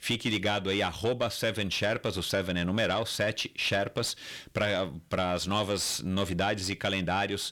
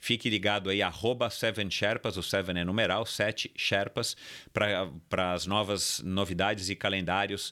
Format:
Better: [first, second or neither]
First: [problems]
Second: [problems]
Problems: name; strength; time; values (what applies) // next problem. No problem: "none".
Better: second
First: distortion; slight; 10 dB below the speech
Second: none